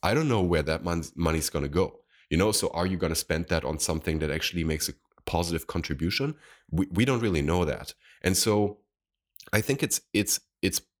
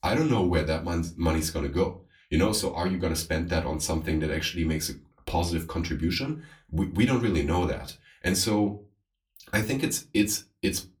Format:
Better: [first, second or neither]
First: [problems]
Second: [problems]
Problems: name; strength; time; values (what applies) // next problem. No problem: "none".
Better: first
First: none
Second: off-mic speech; far // room echo; very slight; dies away in 0.2 s